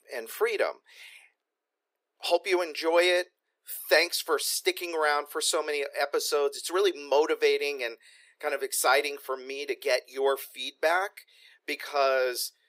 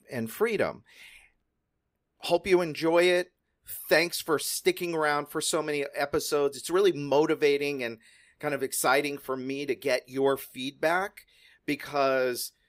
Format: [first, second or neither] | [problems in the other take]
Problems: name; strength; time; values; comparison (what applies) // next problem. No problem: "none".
second | thin; very; fading below 400 Hz